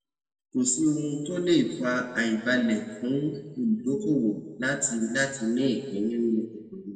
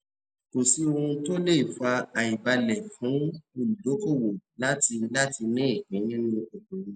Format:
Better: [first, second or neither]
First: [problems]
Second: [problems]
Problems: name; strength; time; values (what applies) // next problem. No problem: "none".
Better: second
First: room echo; dies away in 1.5 s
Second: none